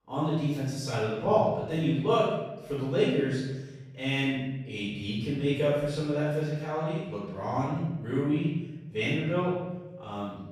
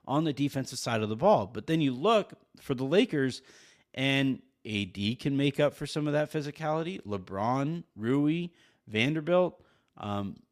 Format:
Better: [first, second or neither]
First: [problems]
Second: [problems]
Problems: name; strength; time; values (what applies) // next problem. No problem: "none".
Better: second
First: room echo; strong; dies away in 1.1 s // off-mic speech; far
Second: none